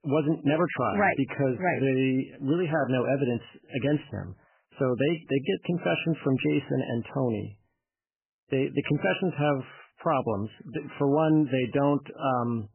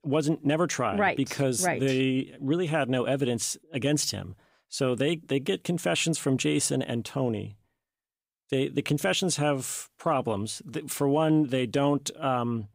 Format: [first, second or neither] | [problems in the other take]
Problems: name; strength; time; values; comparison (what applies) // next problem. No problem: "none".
second | garbled, watery; badly; nothing above 3 kHz